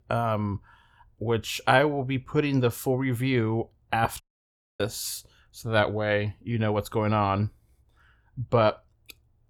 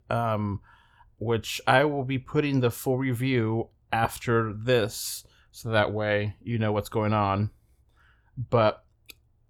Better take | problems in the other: second | audio cutting out; at 4 s for 0.5 s

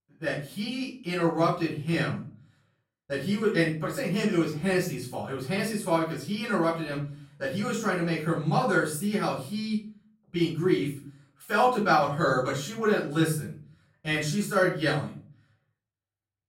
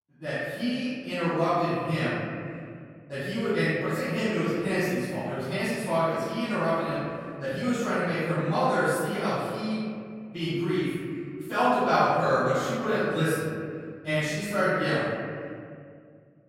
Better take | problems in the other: first | room echo; strong; dies away in 2.4 s; slight in the first // off-mic speech; far; far in the first

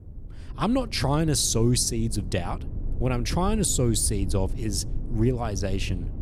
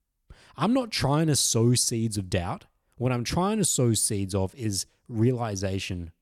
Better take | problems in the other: second | low rumble; noticeable; throughout; 20 dB below the speech

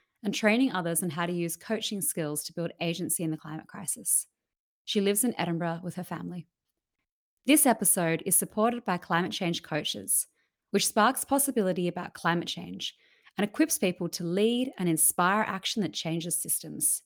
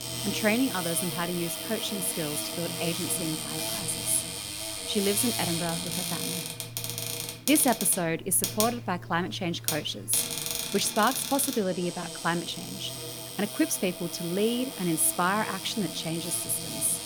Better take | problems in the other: first | household noises; loud; throughout; 4 dB below the speech

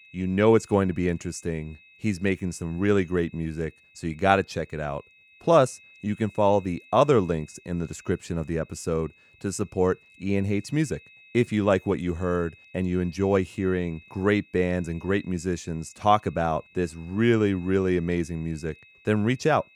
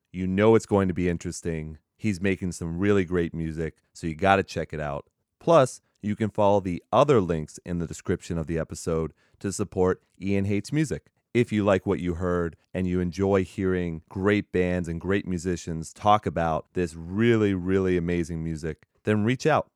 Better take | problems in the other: second | high-pitched whine; faint; throughout; 2.5 kHz, 25 dB below the speech

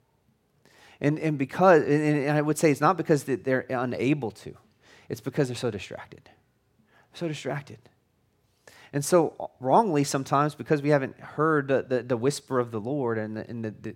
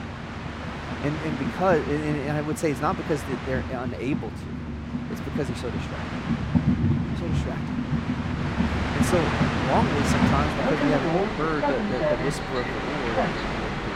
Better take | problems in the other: first | train or aircraft noise; very loud; throughout; 2 dB above the speech

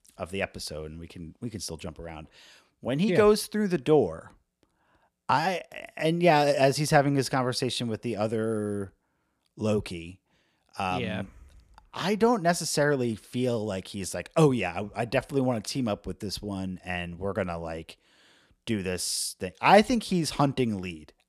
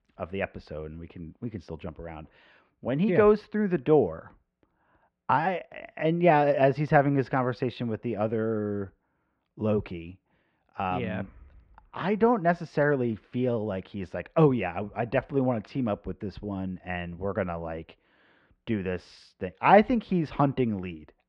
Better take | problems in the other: first | muffled; very; fading above 2.5 kHz

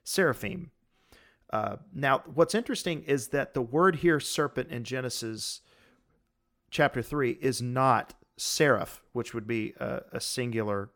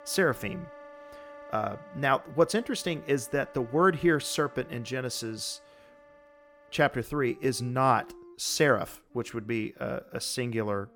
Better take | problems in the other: first | background music; faint; throughout; 20 dB below the speech

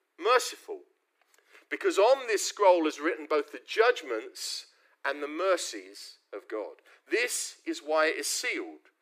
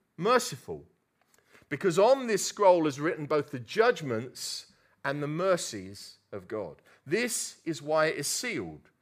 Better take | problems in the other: second | thin; somewhat; fading below 300 Hz

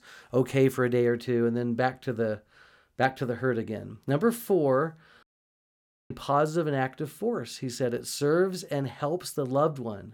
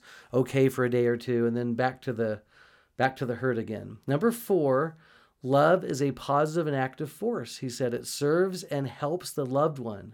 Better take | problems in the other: second | audio cutting out; at 5 s for 1 s

